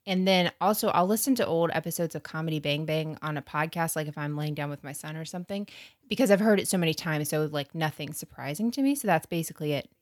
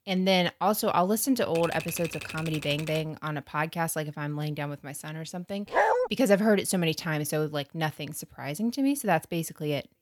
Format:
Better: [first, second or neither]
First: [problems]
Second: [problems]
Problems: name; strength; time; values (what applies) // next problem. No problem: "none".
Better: first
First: none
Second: keyboard typing; noticeable; from 1.5 to 3 s; peak 9 dB below the speech // dog barking; loud; at 5.5 s; peak 4 dB above the speech